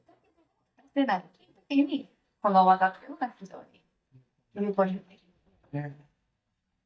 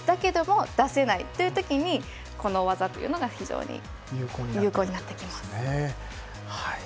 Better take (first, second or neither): second